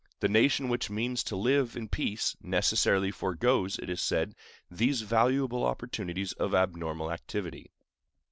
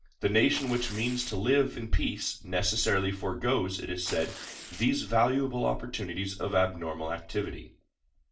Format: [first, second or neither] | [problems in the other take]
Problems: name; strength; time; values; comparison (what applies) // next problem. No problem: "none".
first | background sound (Tearing); 17 dB below the speech // room echo; dies away in 0.3 s